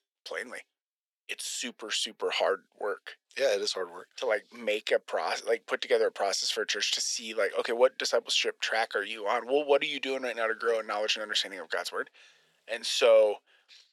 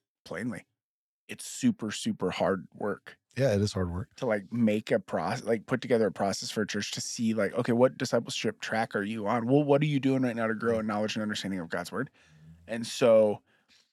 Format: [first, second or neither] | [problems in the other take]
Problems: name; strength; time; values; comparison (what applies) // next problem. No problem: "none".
second | thin; very; fading below 400 Hz